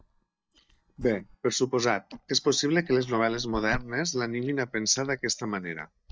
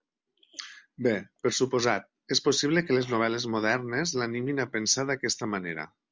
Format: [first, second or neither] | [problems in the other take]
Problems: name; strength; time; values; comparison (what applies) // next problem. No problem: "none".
second | noise reduction (neural mask model DeepFilterNet 3)